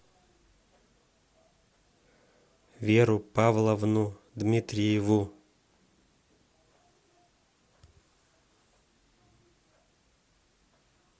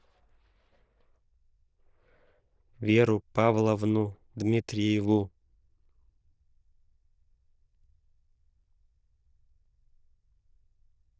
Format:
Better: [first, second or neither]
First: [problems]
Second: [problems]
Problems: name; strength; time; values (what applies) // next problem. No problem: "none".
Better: first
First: none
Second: noise reduction (neural diffusion model UNIVERSE++)